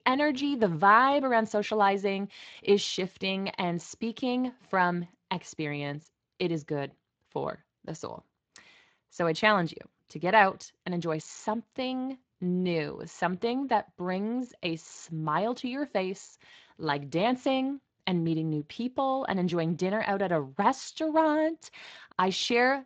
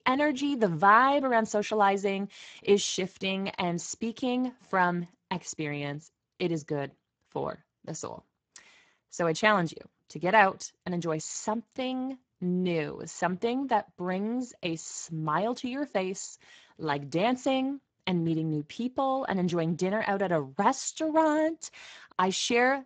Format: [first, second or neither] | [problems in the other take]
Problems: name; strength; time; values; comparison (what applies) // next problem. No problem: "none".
first | garbled, watery; badly; nothing above 7.5 kHz; slightly in the first